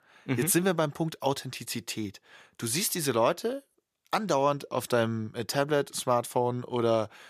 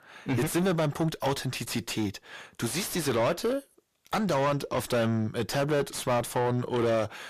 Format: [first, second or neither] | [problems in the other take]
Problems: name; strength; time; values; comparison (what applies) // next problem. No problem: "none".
first | distortion; heavy; 5 dB below the speech